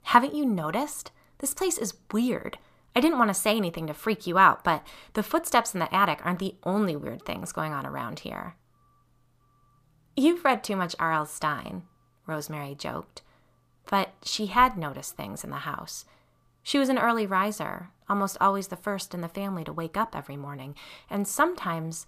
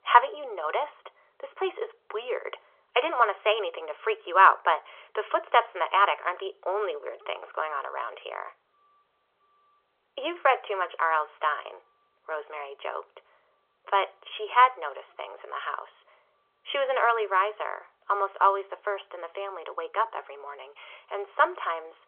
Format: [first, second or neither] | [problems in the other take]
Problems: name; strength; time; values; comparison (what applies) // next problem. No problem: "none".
first | phone-call audio; nothing above 3.5 kHz